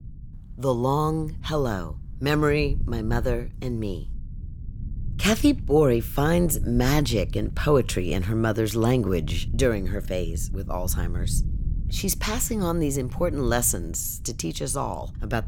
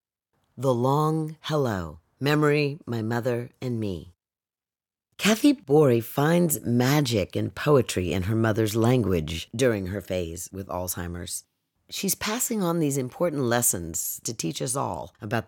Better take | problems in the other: second | low rumble; faint; throughout; 20 dB below the speech

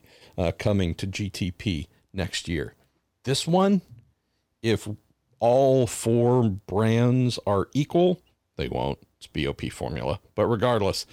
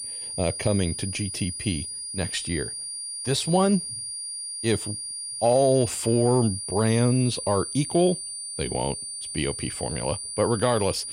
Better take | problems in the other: first | high-pitched whine; loud; throughout; 9.5 kHz, 6 dB below the speech

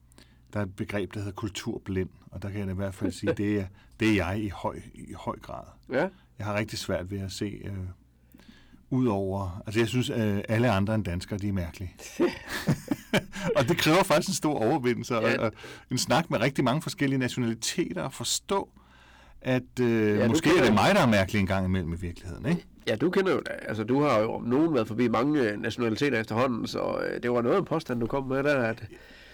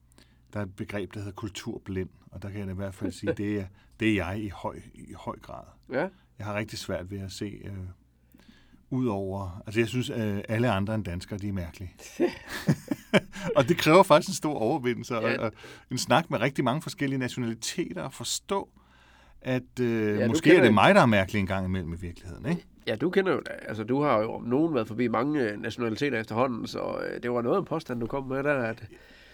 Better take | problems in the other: second | distortion; heavy; 4% of the sound clipped

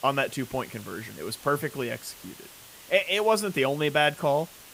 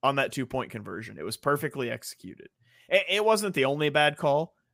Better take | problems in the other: second | hiss; noticeable; throughout; 20 dB below the speech

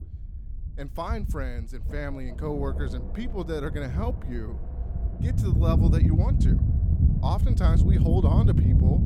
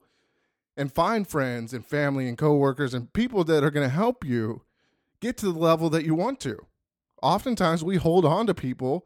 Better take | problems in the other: second | low rumble; loud; throughout; 2 dB below the speech

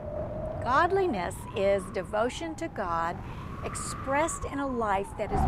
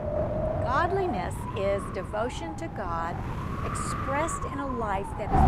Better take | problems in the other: first | wind noise on the microphone; heavy; 3 dB below the speech; occasional gusts in the first

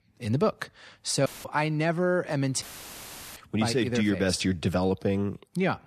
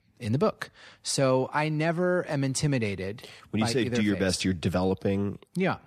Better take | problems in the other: second | audio cutting out; filled with static; at 1.5 s and at 2.5 s for 1 s

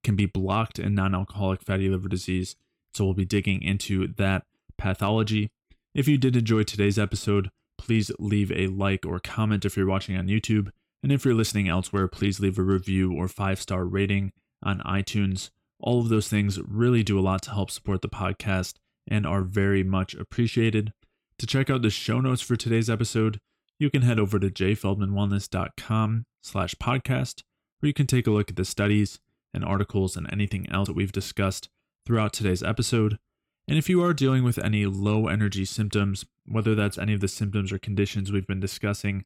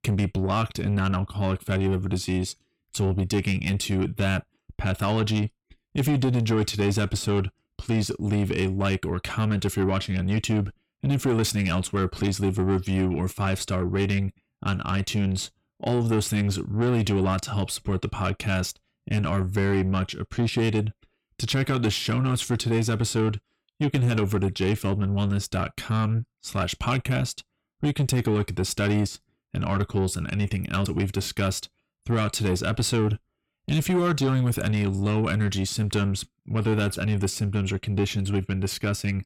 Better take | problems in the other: first | distortion; slight; 10 dB below the speech

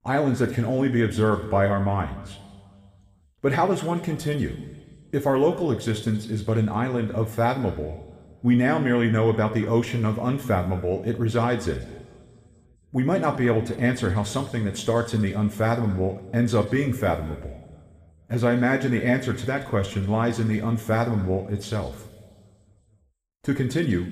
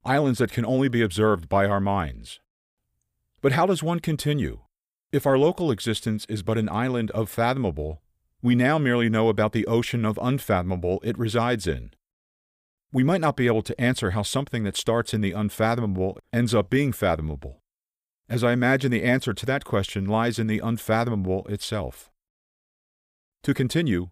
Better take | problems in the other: second | room echo; slight; dies away in 1.5 s // off-mic speech; somewhat distant

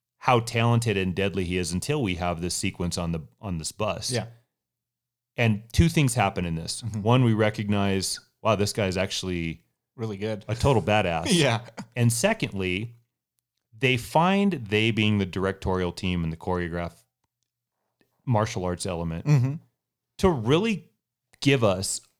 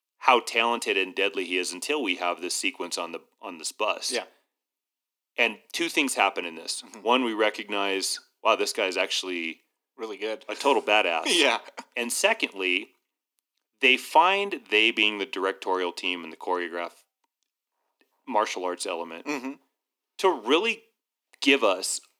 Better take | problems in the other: first | thin; somewhat; fading below 250 Hz

